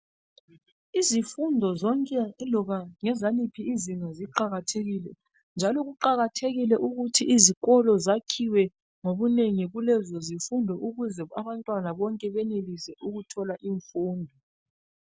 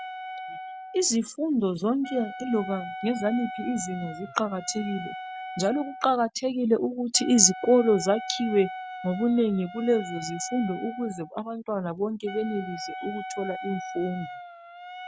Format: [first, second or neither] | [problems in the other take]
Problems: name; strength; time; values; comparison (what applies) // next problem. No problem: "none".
first | background sound (Wind instrument, woodwind instrument); 12 dB below the speech